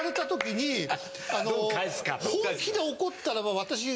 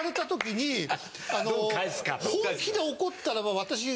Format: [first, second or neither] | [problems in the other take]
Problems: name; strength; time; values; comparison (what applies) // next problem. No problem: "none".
second | background sound (Glass); 14 dB below the speech